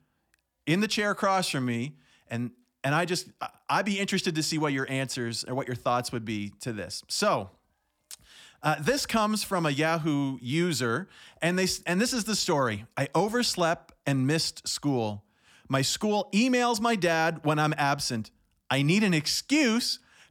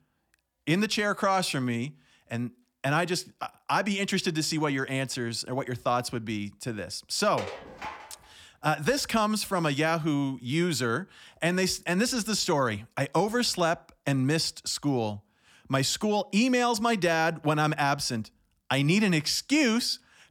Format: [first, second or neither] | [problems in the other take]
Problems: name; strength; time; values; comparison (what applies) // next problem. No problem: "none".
first | clattering dishes; faint; at 7.5 s; peak 10 dB below the speech